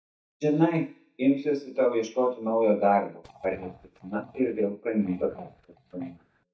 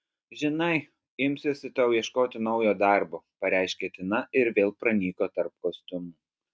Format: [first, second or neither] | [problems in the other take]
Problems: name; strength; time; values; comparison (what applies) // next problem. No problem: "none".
second | noise reduction (neural mask model DeepFilterNet 3)